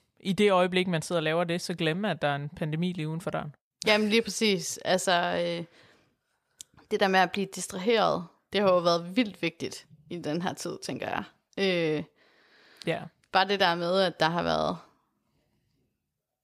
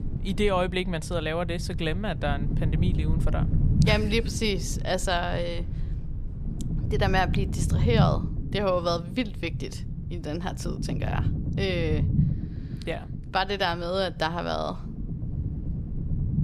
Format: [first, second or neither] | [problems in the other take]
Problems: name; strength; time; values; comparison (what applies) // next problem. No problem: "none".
first | low rumble; noticeable; throughout; 10 dB below the speech